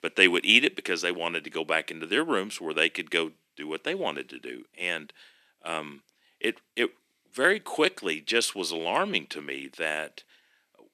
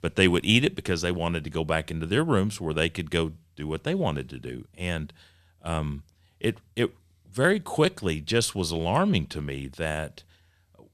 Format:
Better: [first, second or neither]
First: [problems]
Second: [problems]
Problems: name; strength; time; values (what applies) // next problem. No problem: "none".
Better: second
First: thin; somewhat; fading below 300 Hz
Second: none